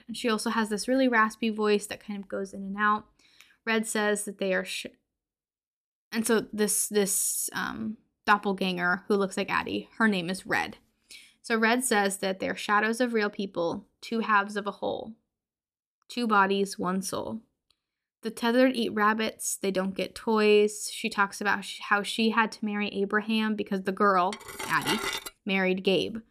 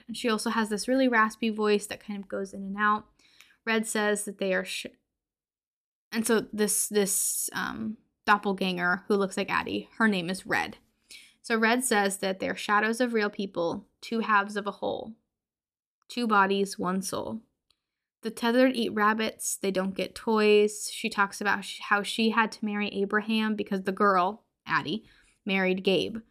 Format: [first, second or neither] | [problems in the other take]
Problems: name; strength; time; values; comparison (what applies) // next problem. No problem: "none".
second | clattering dishes; noticeable; at 24 s; peak 2 dB below the speech